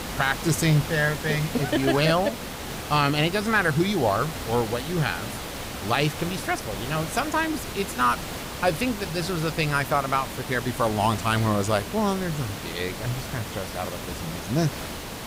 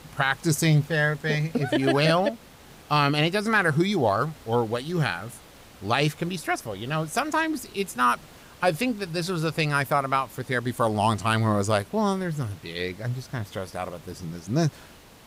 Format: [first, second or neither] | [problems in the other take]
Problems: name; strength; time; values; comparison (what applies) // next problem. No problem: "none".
second | hiss; loud; throughout; 8 dB below the speech; faint in the second